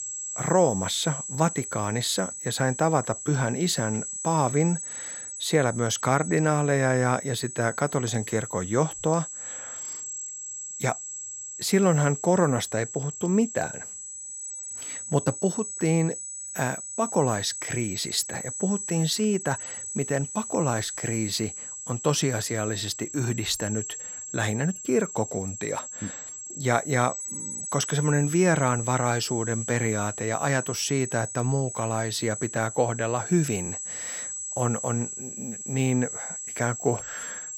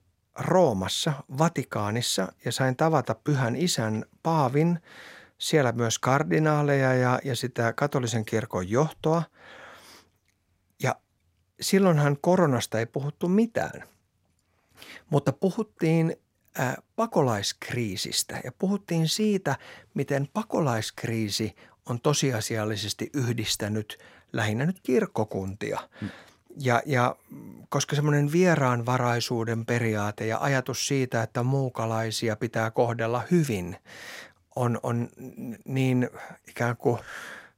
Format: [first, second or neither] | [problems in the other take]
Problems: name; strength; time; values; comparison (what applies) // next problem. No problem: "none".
second | high-pitched whine; loud; throughout; 8 kHz, 7 dB below the speech